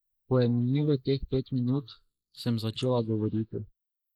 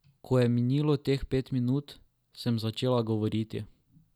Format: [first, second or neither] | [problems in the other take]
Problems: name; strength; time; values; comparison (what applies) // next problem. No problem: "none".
second | noise reduction (neural mask model Resemble Enhance denoiser)